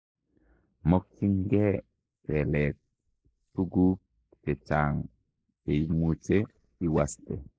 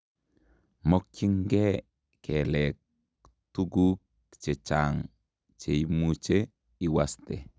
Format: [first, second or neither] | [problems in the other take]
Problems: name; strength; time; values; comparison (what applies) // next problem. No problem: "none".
second | noise reduction (neural mask model Resemble Enhance denoiser)